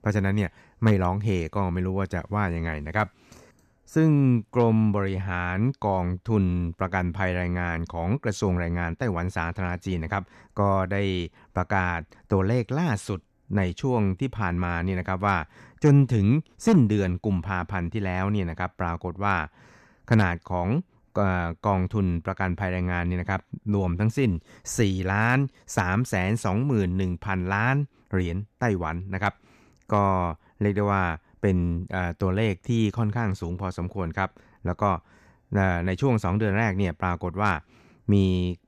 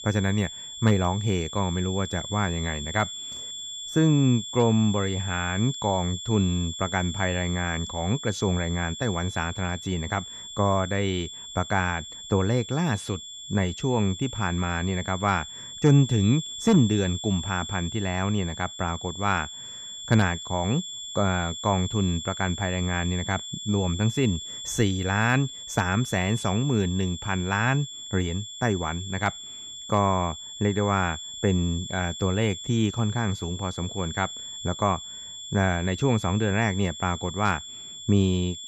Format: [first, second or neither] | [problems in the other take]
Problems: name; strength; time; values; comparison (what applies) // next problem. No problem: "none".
first | high-pitched whine; loud; throughout; 3.5 kHz, 9 dB below the speech